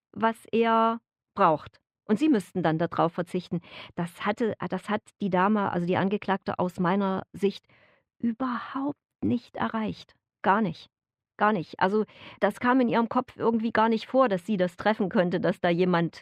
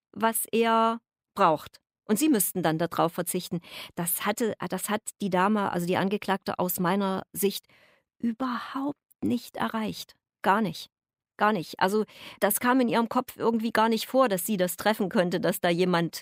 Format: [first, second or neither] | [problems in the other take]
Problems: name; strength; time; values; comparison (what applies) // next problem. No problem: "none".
second | muffled; slightly; fading above 3 kHz